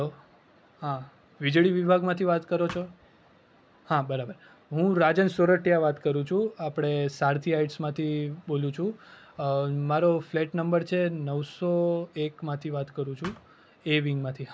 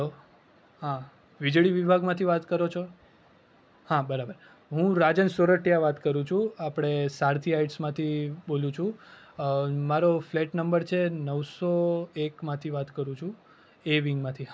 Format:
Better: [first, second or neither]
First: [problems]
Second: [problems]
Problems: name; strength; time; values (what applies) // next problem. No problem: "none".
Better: second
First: background sound (Thump, thud); 15 dB below the speech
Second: none